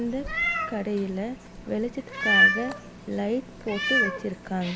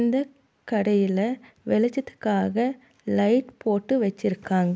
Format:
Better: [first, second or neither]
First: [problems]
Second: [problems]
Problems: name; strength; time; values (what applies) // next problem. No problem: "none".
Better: second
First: background sound (Meow); 3 dB above the speech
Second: none